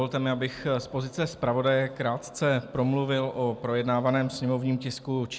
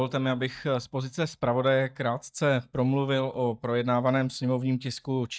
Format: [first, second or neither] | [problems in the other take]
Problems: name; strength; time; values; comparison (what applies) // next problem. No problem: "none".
first | noise reduction (neural mask model DeepFilterNet 3)